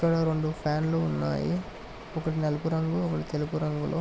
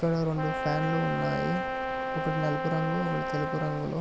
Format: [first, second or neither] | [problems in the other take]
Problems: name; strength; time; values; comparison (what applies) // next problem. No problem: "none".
first | background sound (Brass instrument); 2 dB below the speech